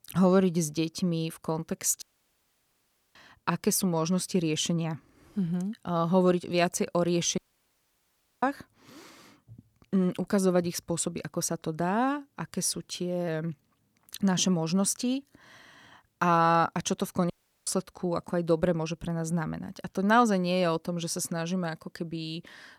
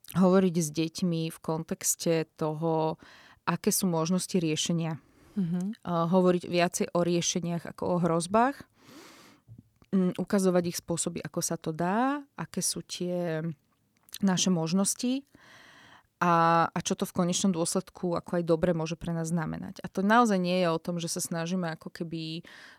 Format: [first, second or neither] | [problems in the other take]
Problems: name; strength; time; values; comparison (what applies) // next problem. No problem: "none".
second | audio cutting out; at 2 s for 1 s, at 7.5 s for 1 s and at 17 s